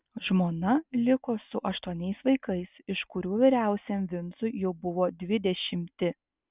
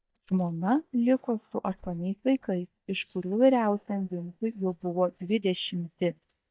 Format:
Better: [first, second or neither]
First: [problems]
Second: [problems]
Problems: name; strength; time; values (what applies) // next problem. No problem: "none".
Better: first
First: none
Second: noise reduction (neural mask model DeepFilterNet 3)